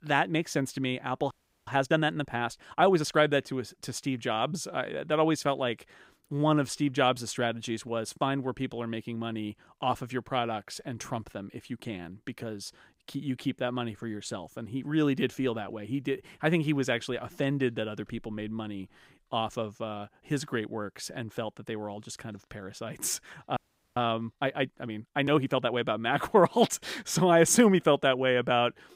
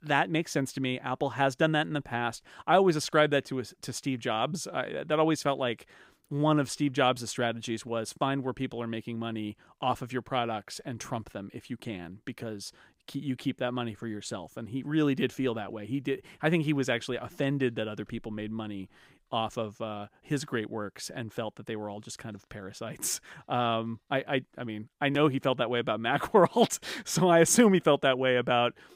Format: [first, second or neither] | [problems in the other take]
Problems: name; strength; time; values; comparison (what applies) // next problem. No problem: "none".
second | audio freezing; at 1.5 s and at 24 s